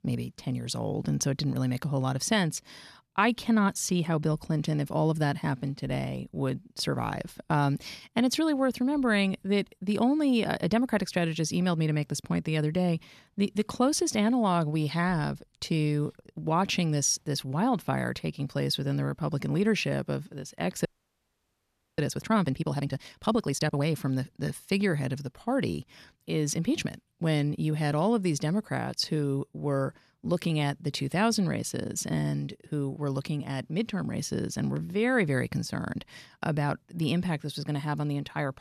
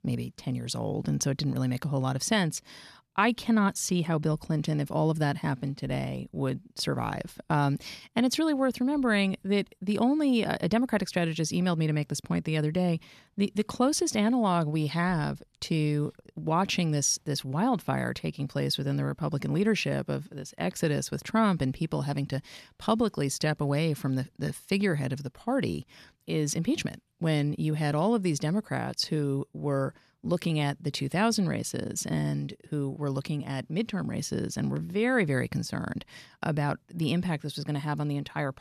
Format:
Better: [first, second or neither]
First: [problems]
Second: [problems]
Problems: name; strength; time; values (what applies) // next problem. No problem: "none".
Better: second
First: audio freezing; at 21 s for 1 s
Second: none